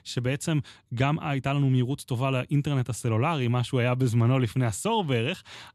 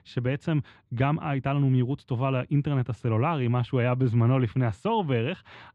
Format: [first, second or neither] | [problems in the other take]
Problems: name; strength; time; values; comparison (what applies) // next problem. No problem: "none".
first | muffled; very; fading above 2 kHz